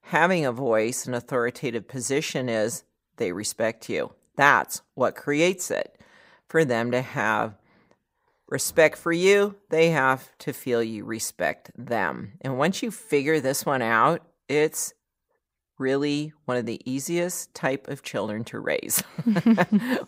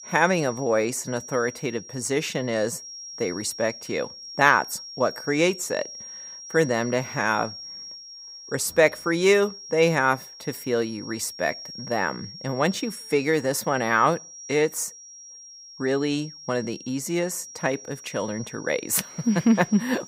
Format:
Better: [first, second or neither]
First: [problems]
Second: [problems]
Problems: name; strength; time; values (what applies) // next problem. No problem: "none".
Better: first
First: none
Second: high-pitched whine; noticeable; throughout; 5.5 kHz, 15 dB below the speech